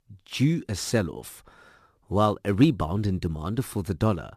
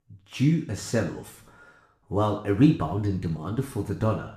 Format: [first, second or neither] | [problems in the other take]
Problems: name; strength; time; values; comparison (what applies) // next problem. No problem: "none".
first | room echo; slight; dies away in 0.5 s // off-mic speech; somewhat distant